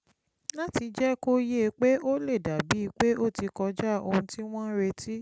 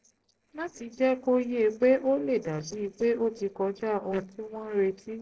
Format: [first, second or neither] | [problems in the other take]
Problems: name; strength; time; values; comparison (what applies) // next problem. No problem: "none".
first | noise reduction (neural separator model SepFormer DNS4)